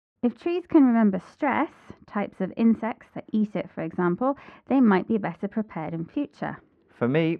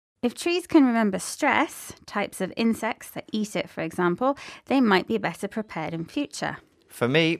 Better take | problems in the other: second | muffled; very; fading above 1.5 kHz

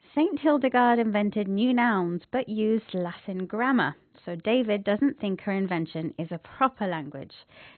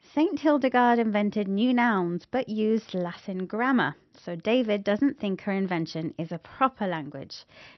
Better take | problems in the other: second | garbled, watery; badly; nothing above 4 kHz; slightly in the second

